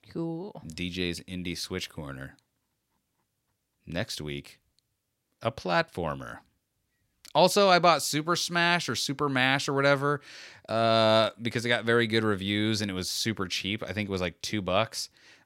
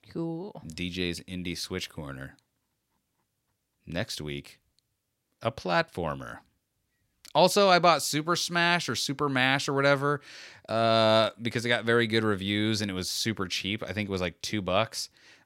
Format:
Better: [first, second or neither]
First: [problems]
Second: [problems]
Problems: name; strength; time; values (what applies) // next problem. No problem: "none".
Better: neither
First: none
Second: none